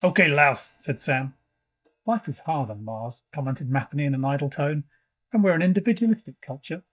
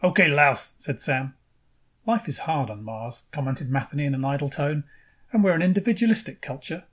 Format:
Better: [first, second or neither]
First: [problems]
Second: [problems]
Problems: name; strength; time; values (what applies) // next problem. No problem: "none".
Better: second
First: noise reduction (neural mask model DeepFilterNet 3)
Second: none